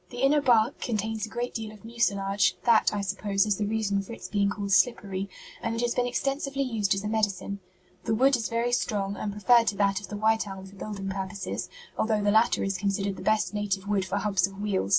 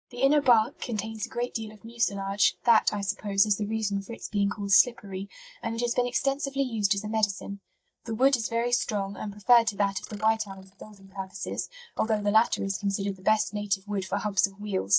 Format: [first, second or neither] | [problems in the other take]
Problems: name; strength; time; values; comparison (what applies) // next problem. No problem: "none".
first | noise reduction (neural mask model DeepFilterNet 3)